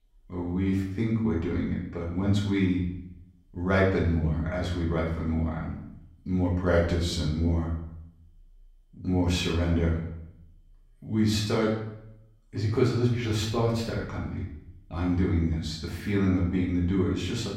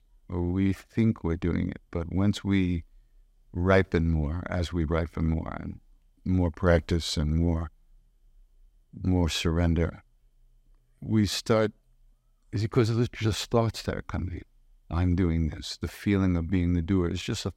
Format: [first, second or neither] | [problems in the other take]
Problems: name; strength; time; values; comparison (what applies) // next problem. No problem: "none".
second | off-mic speech; far // room echo; noticeable; dies away in 0.7 s